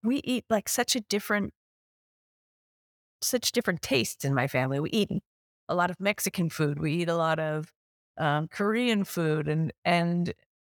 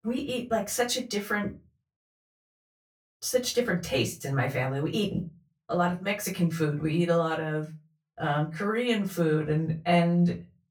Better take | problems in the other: first | off-mic speech; far // room echo; very slight; dies away in 0.2 s

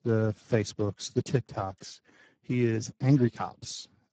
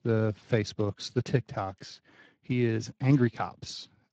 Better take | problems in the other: second | garbled, watery; badly; nothing above 7.5 kHz; slightly in the second

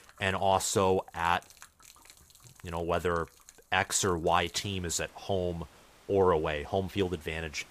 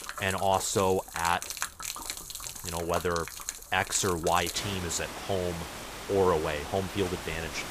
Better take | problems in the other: first | rain or running water; loud; throughout; 8 dB below the speech; faint in the first

